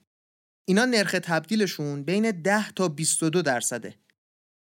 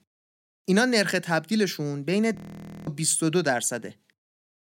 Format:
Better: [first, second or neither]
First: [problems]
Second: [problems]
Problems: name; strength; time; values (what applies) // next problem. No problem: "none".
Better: first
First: none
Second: audio freezing; at 2.5 s for 0.5 s